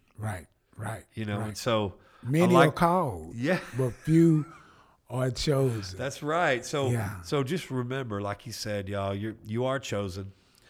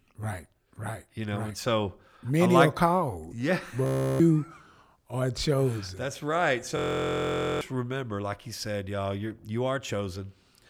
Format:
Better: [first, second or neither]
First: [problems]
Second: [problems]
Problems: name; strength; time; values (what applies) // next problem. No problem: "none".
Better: first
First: none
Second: audio freezing; at 4 s and at 7 s for 1 s